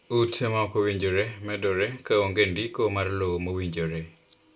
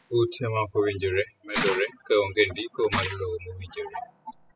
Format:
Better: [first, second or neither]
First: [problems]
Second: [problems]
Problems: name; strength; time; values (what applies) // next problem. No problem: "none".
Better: first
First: none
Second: noise reduction (classical method spectral subtraction)